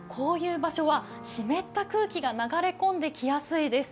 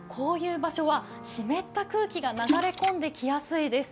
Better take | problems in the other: first | background sound (Splash, splatter); 4 dB below the speech

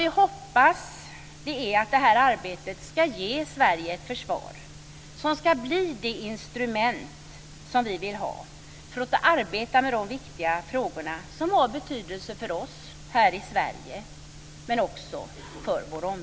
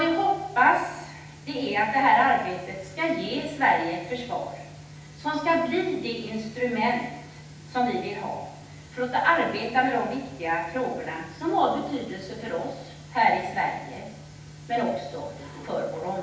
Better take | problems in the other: first | room echo; dies away in 0.9 s

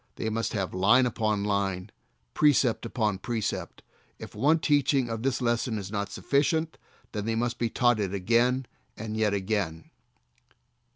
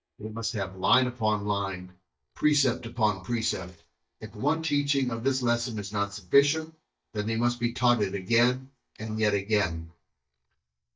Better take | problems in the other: first | noise reduction (neural mask model DeepFilterNet 3)

